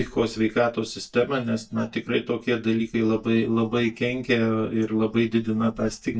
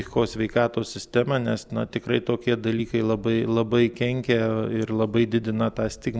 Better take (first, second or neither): second